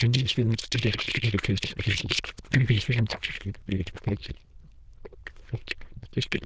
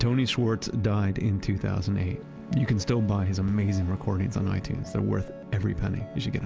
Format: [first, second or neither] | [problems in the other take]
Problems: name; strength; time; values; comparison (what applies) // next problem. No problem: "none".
second | noise reduction (neural diffusion model UNIVERSE++)